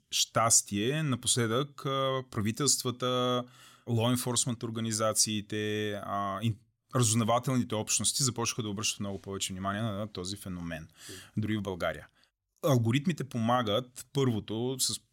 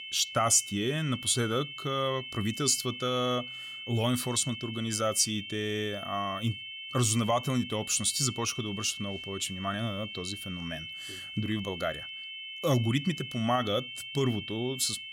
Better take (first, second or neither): first